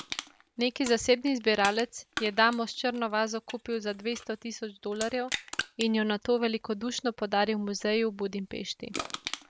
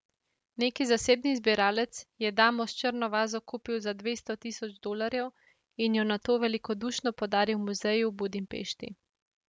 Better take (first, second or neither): second